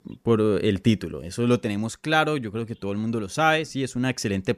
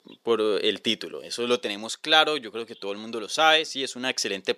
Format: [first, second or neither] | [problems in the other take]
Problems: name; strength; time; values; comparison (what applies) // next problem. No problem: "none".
first | thin; somewhat; fading below 450 Hz